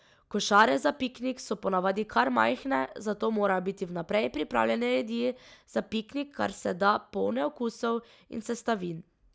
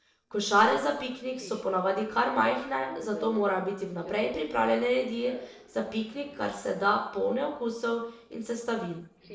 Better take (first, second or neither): first